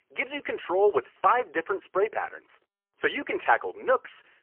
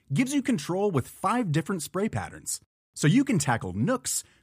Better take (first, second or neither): second